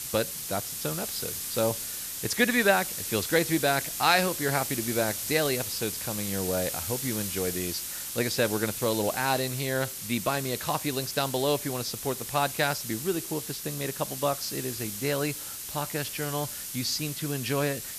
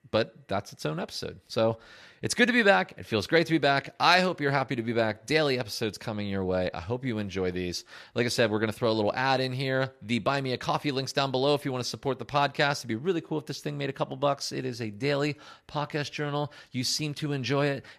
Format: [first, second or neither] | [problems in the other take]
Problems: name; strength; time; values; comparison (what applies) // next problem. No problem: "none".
second | hiss; loud; throughout; 4 dB below the speech